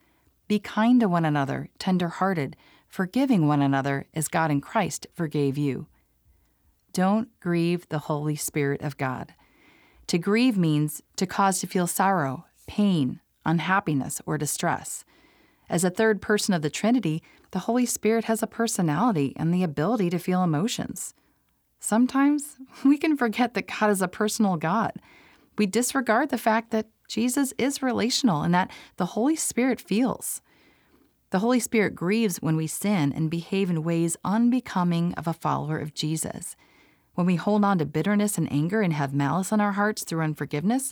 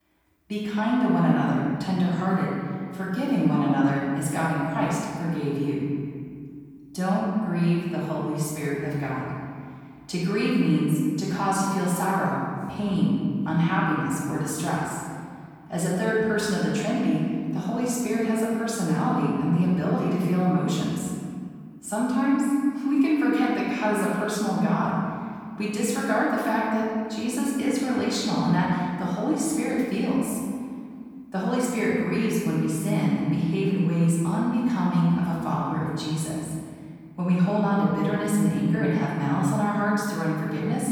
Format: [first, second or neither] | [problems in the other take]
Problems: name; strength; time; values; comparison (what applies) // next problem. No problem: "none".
first | room echo; strong; dies away in 2 s // off-mic speech; far